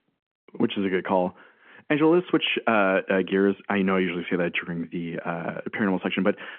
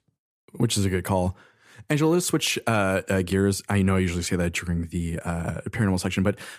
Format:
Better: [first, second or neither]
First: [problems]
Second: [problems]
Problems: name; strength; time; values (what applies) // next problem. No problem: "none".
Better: second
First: phone-call audio; nothing above 3.5 kHz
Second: none